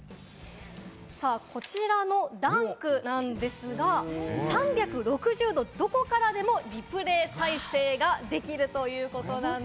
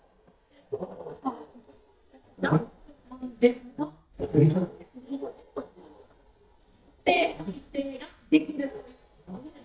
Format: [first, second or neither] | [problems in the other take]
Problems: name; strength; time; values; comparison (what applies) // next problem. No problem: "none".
first | noise reduction (neural mask model DeepFilterNet 3)